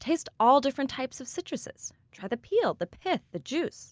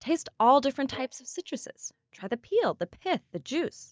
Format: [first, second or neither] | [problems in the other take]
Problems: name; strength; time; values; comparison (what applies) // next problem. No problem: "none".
first | noise reduction (neural mask model DeepFilterNet 3)